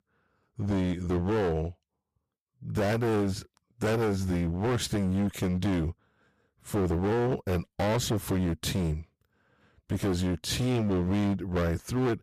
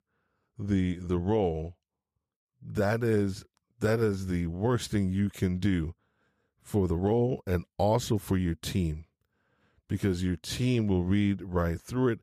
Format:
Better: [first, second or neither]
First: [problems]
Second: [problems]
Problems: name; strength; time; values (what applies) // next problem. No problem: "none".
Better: second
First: distortion; heavy; 21% of the sound clipped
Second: none